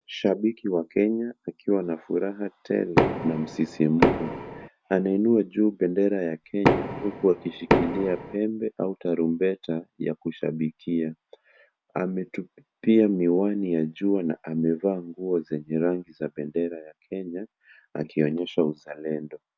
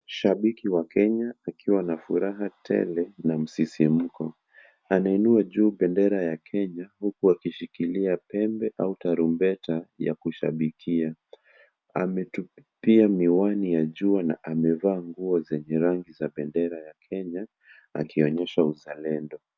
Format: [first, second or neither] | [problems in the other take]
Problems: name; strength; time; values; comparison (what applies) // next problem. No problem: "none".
second | background sound (Knock); as loud as the speech